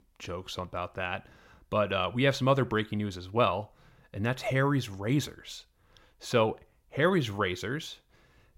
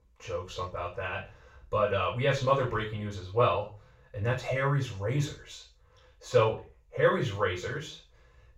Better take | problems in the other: first | room echo; noticeable; dies away in 0.3 s // off-mic speech; far

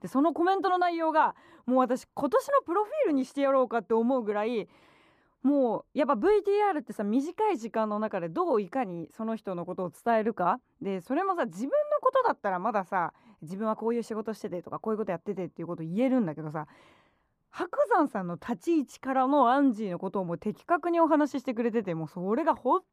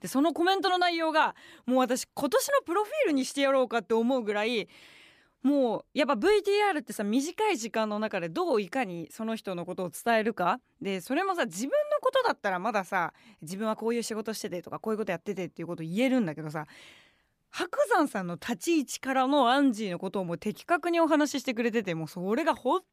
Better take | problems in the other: second | muffled; slightly; fading above 1.5 kHz

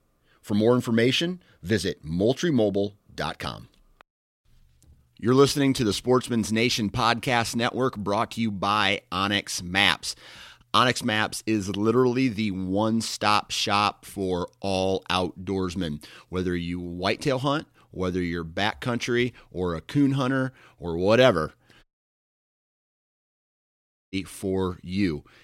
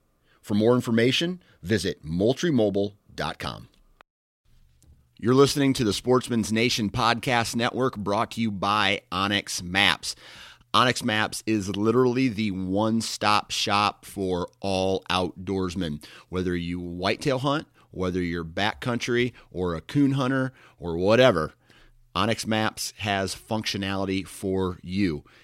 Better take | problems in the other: second | audio cutting out; at 22 s for 2.5 s

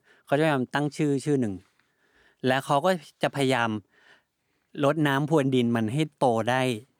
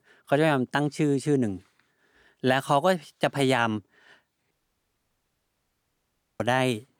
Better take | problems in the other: first | audio cutting out; at 4.5 s for 2 s

